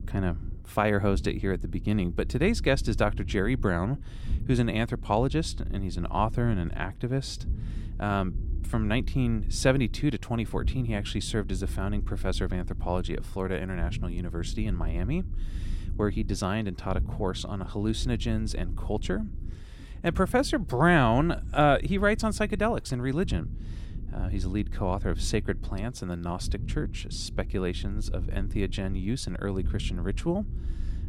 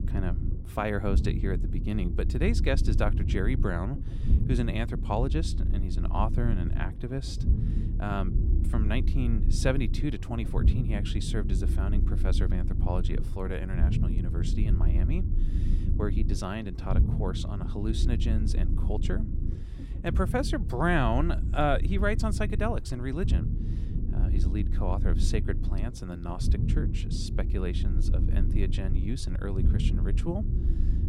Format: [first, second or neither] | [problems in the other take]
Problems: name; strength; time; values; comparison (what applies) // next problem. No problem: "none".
first | low rumble; loud; throughout; 9 dB below the speech; faint in the first